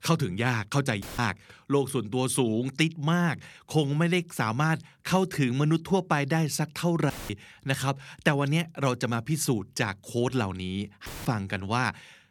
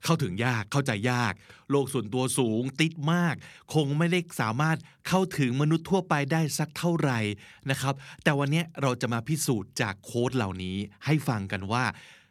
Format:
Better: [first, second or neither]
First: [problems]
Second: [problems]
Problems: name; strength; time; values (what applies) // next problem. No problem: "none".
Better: second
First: audio cutting out; filled with static; at 1 s, at 7 s and at 11 s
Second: none